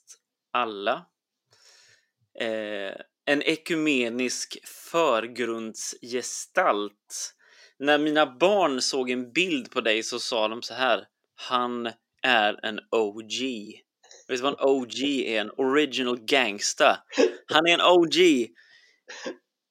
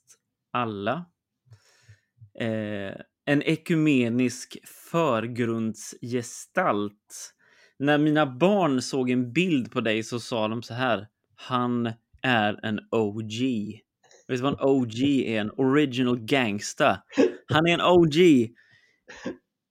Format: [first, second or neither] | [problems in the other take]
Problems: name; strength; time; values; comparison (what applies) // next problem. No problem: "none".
second | thin; somewhat; fading below 450 Hz